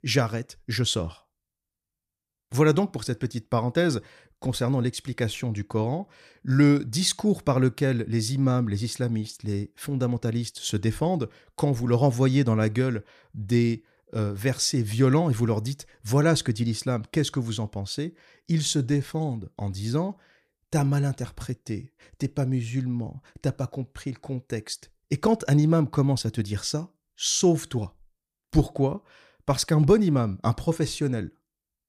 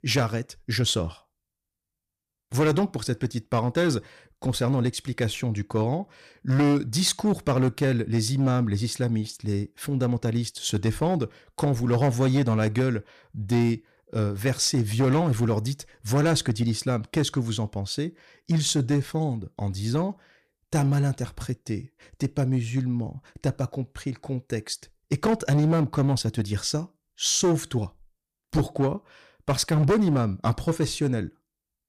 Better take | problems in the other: first | distortion; slight; 6% of the sound clipped

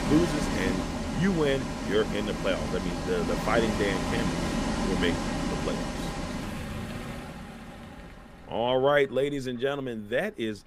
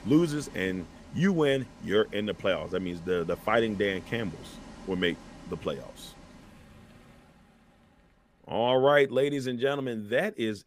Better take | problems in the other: second | traffic noise; loud; throughout; 3 dB below the speech; faint in the second

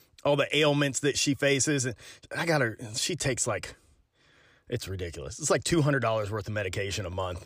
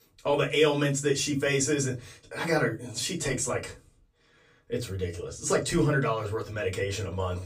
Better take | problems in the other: first | off-mic speech; far // room echo; very slight; dies away in 0.2 s

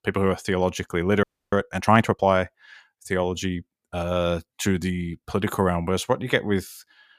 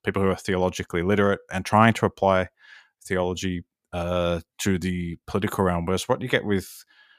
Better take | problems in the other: second | audio freezing; at 1 s

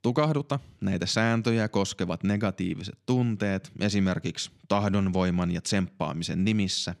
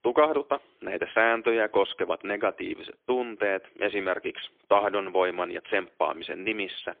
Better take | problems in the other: first | phone-call audio; poor line; nothing above 3.5 kHz

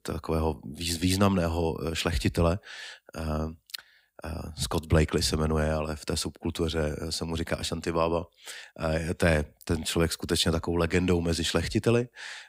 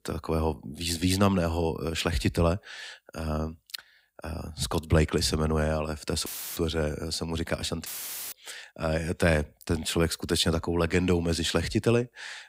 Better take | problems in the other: first | audio cutting out; filled with static; at 6.5 s and at 8 s

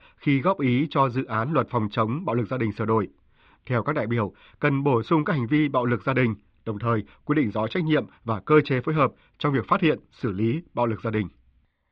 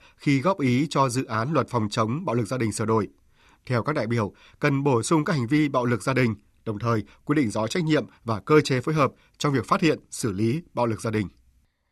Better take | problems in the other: second | muffled; very; fading above 3.5 kHz

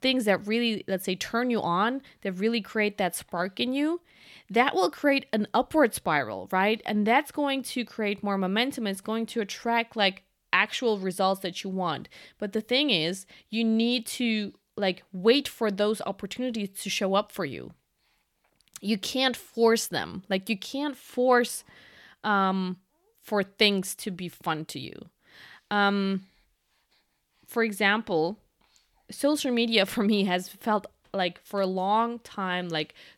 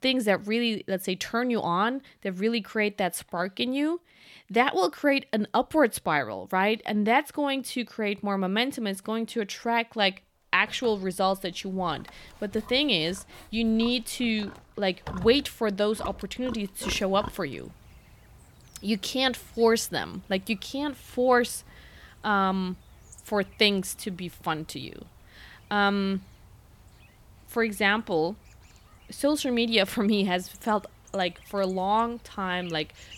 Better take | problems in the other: first | animal sounds; faint; from 11 s on; 20 dB below the speech

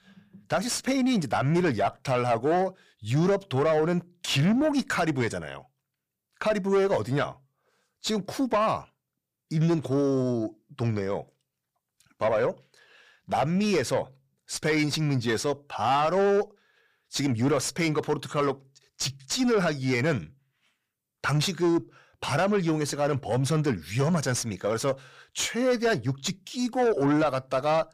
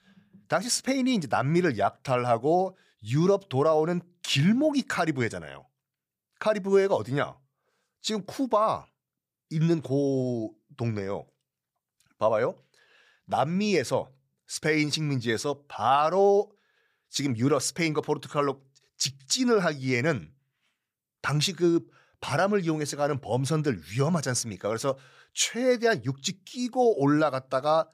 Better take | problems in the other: second | distortion; slight; 10 dB below the speech

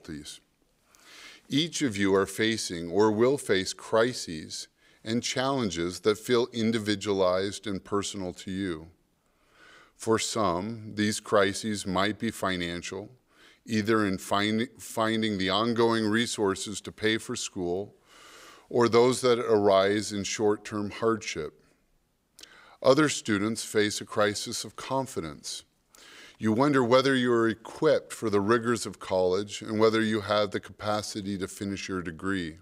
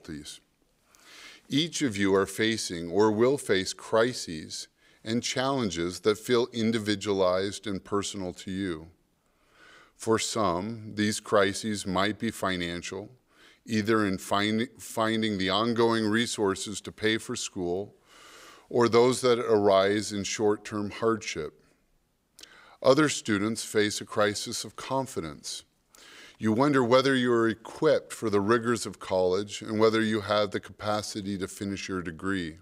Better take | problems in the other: neither | none

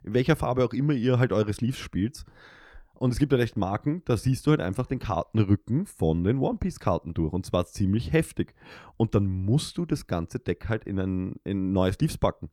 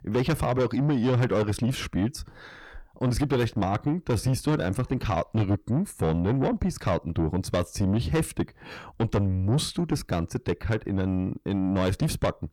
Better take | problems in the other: first | distortion; heavy; 8 dB below the speech

